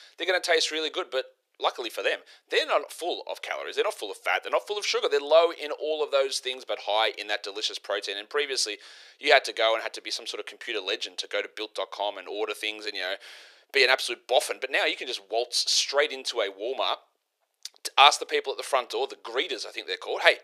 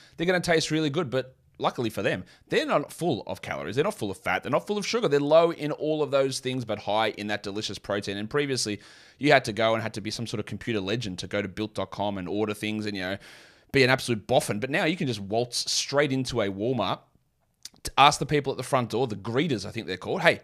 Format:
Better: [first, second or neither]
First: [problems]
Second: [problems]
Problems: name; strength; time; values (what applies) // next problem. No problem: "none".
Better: second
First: thin; very; fading below 400 Hz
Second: none